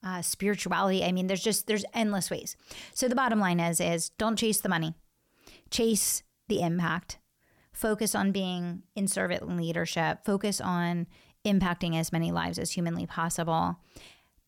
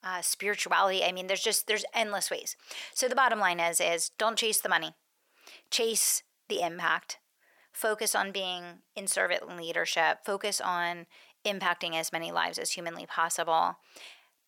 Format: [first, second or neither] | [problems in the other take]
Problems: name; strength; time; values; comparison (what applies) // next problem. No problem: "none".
first | thin; very; fading below 600 Hz